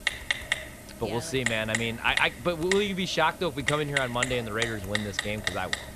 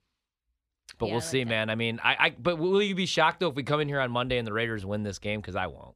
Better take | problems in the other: second | keyboard typing; loud; peak level with the speech

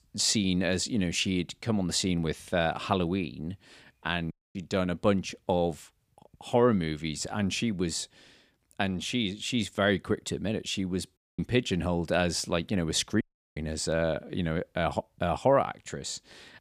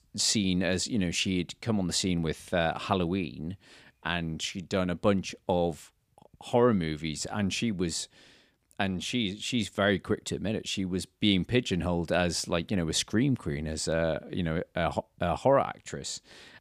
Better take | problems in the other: second | audio cutting out; at 4.5 s, at 11 s and at 13 s

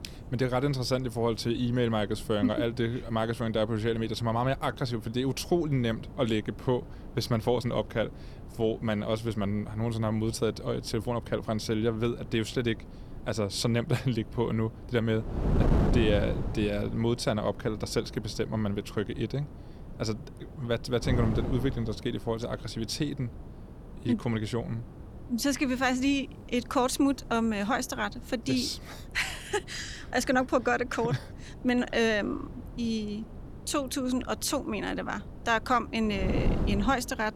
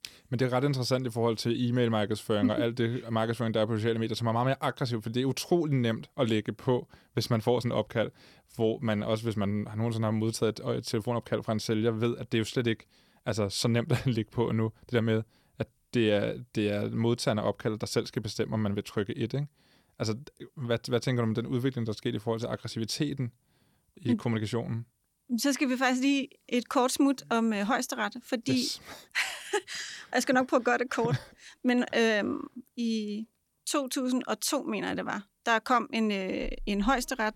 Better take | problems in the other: second | wind noise on the microphone; occasional gusts; 15 dB below the speech

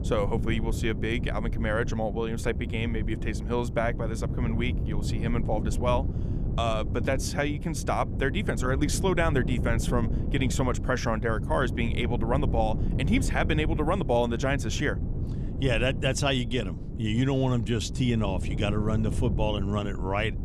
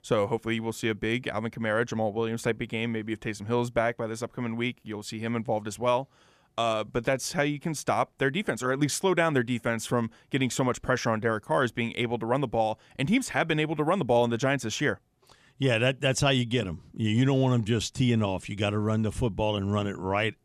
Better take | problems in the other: second | wind noise on the microphone; occasional gusts; 10 dB below the speech

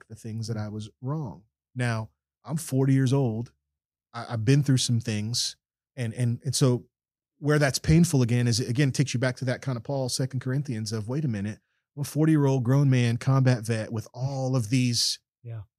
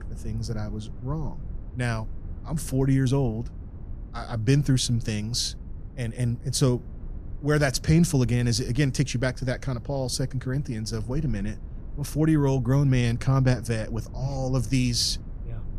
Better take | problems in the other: first | low rumble; faint; throughout; 25 dB below the speech

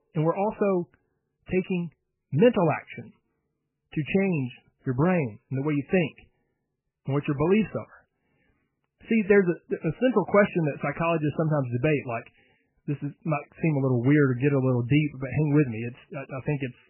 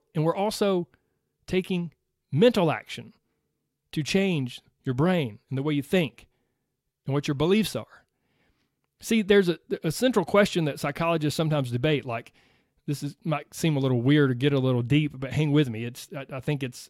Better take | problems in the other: second | garbled, watery; badly; nothing above 3 kHz

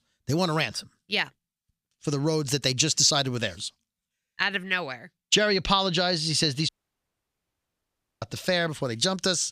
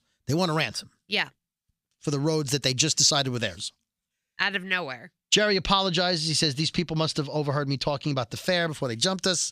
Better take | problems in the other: second | audio cutting out; at 6.5 s for 1.5 s

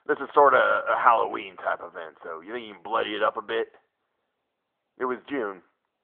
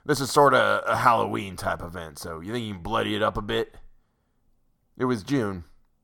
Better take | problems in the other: second | phone-call audio; nothing above 3.5 kHz

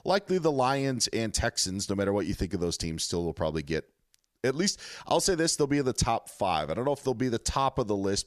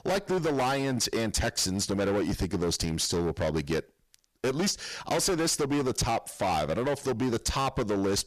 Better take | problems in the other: first | distortion; heavy; 23% of the sound clipped

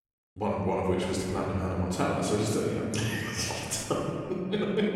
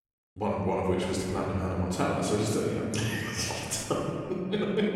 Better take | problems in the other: neither | off-mic speech; far; the same in both // room echo; noticeable; dies away in 2.3 s; the same in both

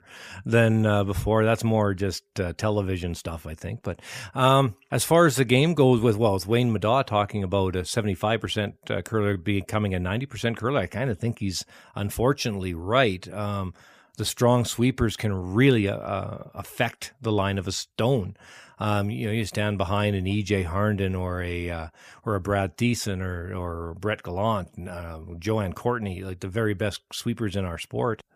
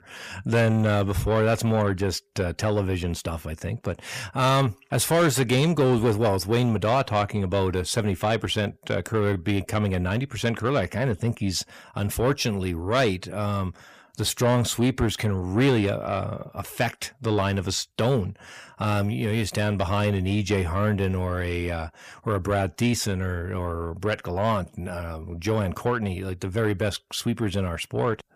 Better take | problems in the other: first | distortion; slight; 10 dB below the speech

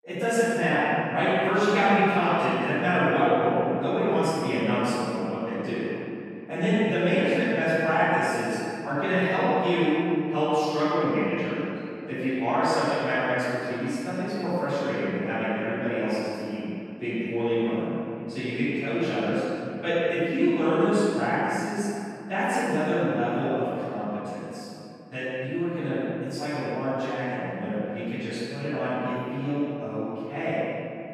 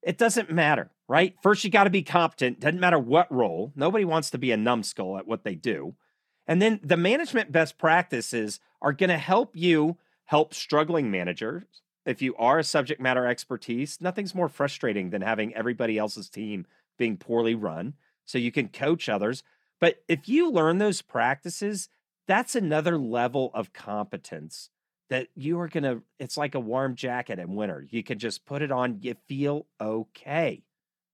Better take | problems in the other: second | off-mic speech; far // room echo; strong; dies away in 2.6 s

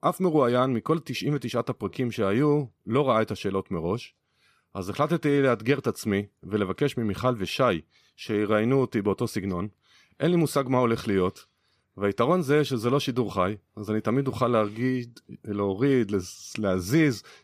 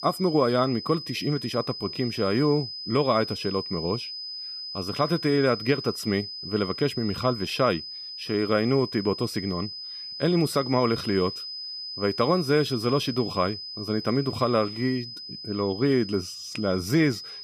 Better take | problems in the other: first | high-pitched whine; loud; throughout; 5 kHz, 8 dB below the speech

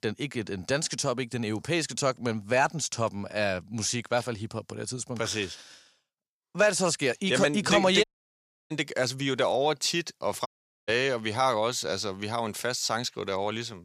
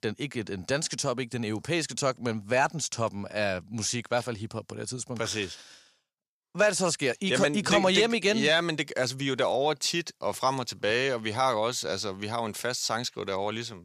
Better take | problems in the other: second | audio cutting out; at 8 s for 0.5 s and at 10 s

